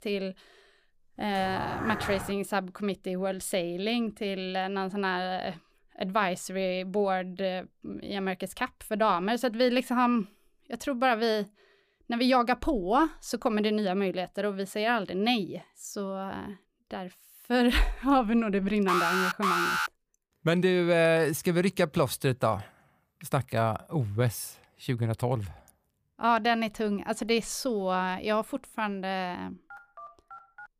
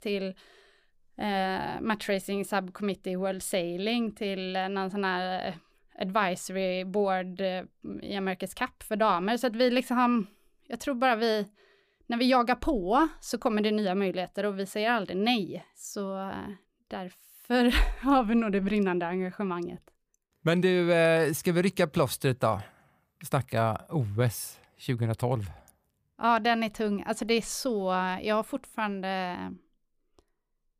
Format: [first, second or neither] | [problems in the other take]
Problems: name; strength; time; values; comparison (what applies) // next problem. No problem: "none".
second | dog barking; noticeable; at 1.5 s; peak 5 dB below the speech // alarm; loud; at 19 s; peak 3 dB above the speech // phone ringing; faint; at 30 s; peak 20 dB below the speech